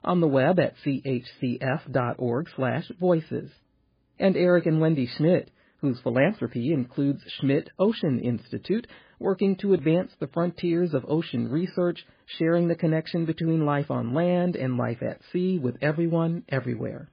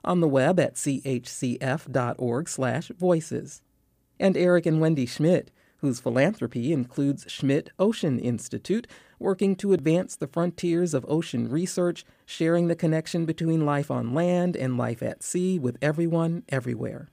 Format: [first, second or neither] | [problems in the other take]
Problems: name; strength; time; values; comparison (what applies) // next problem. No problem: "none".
second | garbled, watery; badly; nothing above 4.5 kHz